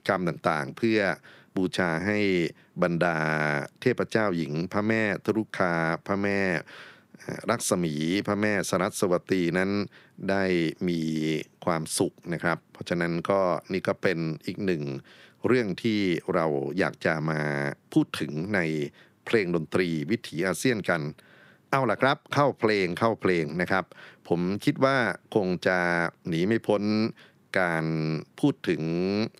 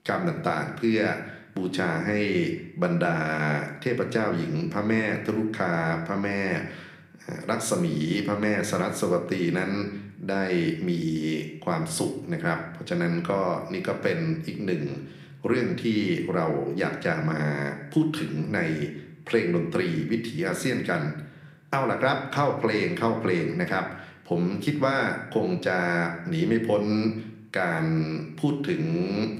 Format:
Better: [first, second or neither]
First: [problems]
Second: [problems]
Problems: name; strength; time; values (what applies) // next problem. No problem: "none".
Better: first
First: none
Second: room echo; slight; dies away in 0.7 s